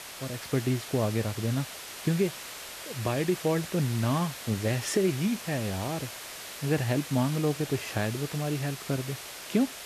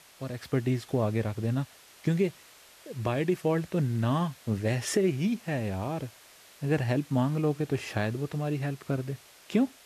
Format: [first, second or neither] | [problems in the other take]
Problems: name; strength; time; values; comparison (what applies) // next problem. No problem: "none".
second | hiss; loud; throughout; 9 dB below the speech; faint in the second